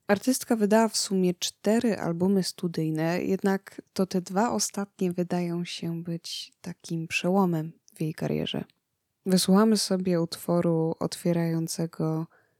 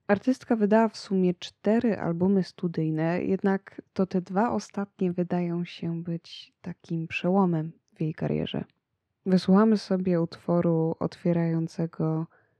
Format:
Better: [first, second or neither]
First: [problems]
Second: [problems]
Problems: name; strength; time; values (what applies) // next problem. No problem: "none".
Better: first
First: none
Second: muffled; slightly; fading above 2.5 kHz